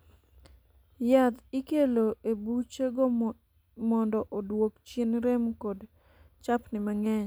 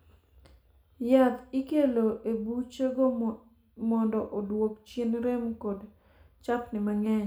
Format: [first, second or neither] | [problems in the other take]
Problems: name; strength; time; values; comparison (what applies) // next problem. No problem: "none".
first | room echo; dies away in 0.4 s